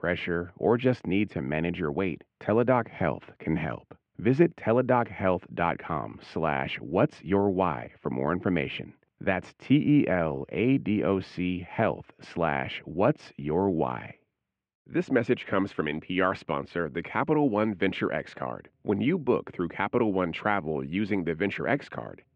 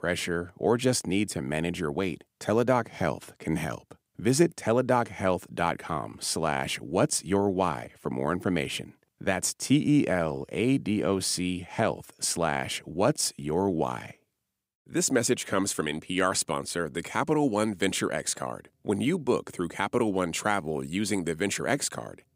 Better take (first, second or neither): second